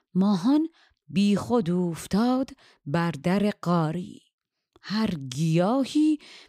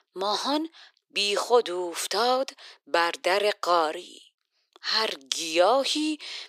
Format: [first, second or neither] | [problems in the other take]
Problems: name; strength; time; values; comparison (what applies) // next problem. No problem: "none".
first | thin; very; fading below 400 Hz